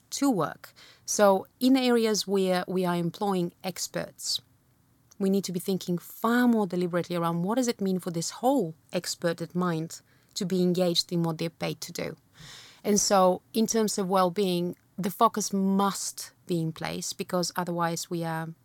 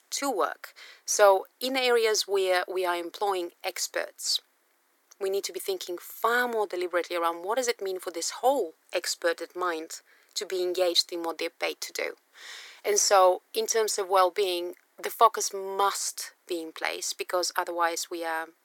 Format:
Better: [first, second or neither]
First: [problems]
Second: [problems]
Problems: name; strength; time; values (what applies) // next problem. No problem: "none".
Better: first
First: none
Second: thin; very; fading below 350 Hz